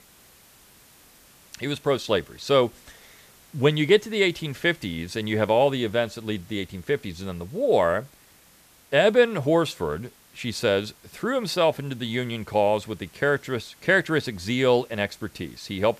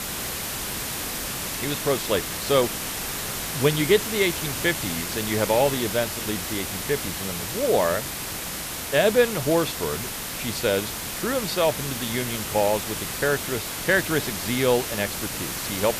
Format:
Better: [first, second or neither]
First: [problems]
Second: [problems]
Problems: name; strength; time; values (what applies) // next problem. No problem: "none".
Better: first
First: hiss; faint; throughout; 30 dB below the speech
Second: hiss; loud; throughout; 4 dB below the speech